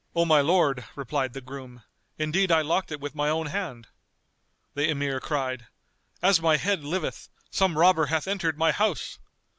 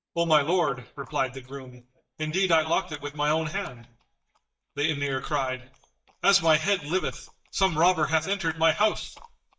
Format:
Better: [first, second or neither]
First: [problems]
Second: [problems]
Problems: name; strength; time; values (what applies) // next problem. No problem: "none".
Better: first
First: none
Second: noise reduction (neural mask model DeepFilterNet 3)